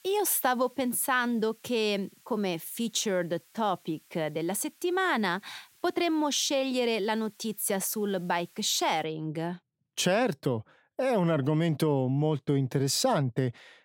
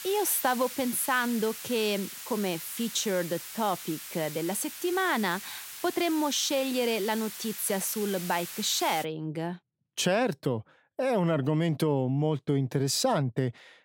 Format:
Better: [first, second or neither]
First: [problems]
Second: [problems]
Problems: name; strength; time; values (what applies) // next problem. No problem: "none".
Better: first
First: hiss; faint; until 9 s; 30 dB below the speech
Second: hiss; loud; until 9 s; 10 dB below the speech